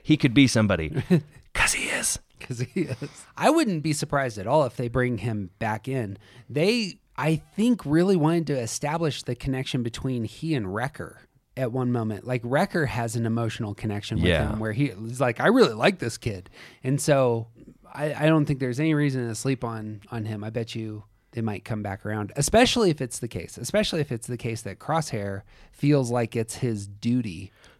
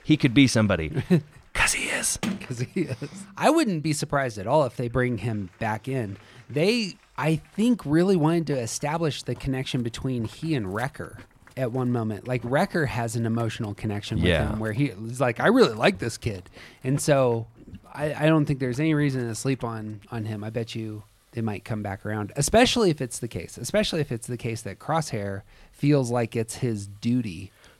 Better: first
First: none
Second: household noises; faint; throughout; 20 dB below the speech

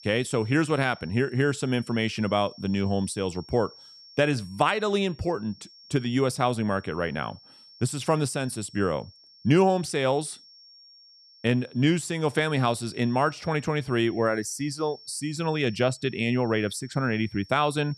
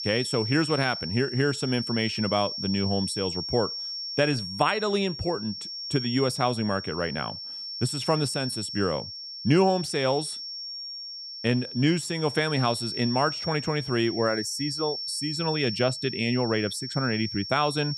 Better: first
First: high-pitched whine; faint; throughout; 5.5 kHz, 20 dB below the speech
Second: high-pitched whine; loud; throughout; 5.5 kHz, 6 dB below the speech

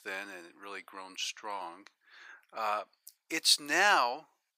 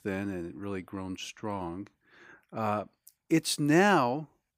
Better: second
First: thin; very; fading below 900 Hz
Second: none

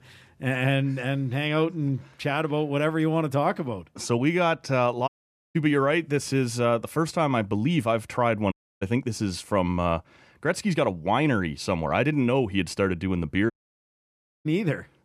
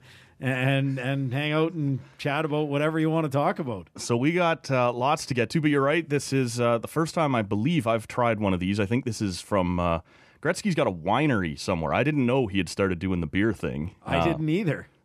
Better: second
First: audio cutting out; at 5 s, at 8.5 s and at 14 s for 1 s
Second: none

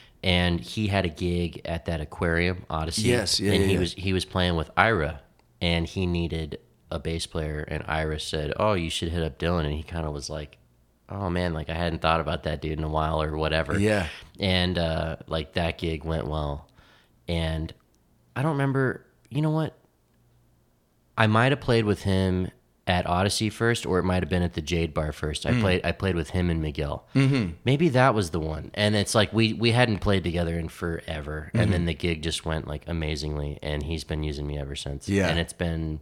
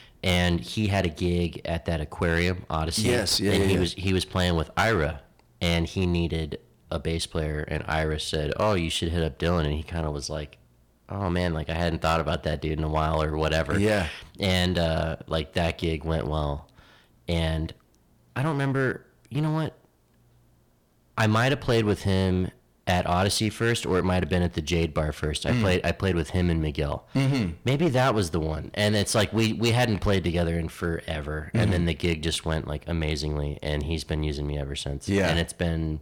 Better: first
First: none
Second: distortion; slight; 7% of the sound clipped

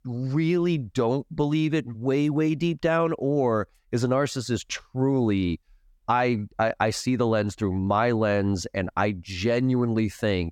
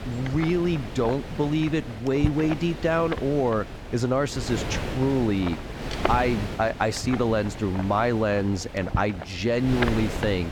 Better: first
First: none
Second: wind noise on the microphone; heavy; 8 dB below the speech

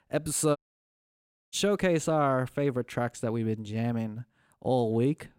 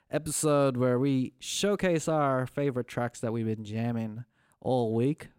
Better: second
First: audio cutting out; at 0.5 s for 1 s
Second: none

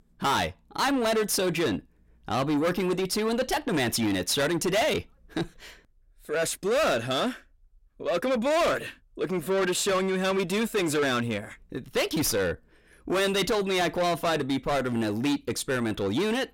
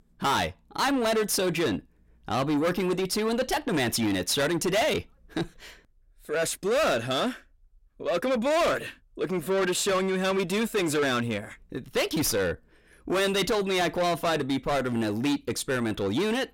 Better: neither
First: distortion; heavy; 6 dB below the speech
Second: distortion; heavy; 6 dB below the speech

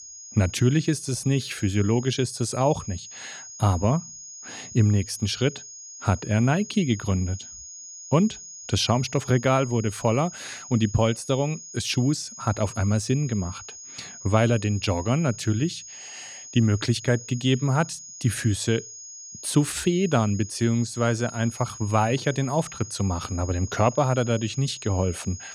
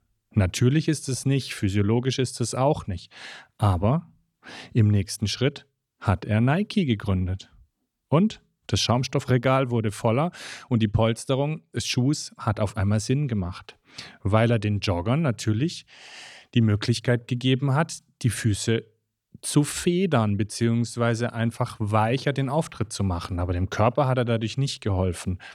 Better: second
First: high-pitched whine; noticeable; throughout; 6.5 kHz, 15 dB below the speech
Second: none

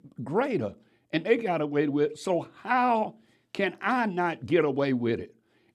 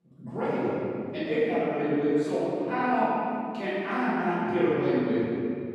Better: first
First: none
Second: room echo; strong; dies away in 2.9 s // off-mic speech; far

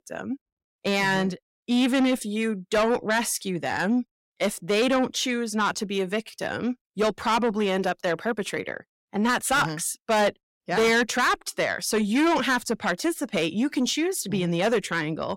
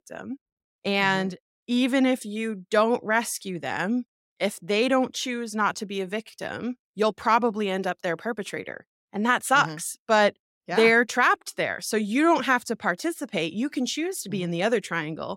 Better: second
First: distortion; heavy; 8 dB below the speech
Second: none

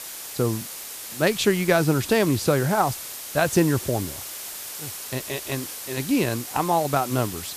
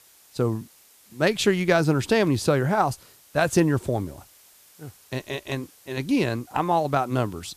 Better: second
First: hiss; loud; throughout; 9 dB below the speech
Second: hiss; faint; throughout; 25 dB below the speech

